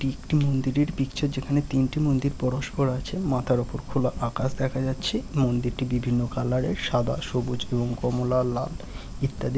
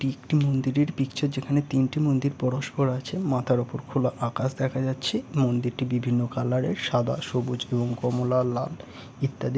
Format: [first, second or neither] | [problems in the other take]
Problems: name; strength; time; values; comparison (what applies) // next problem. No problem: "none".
second | background sound (Fire); 10 dB below the speech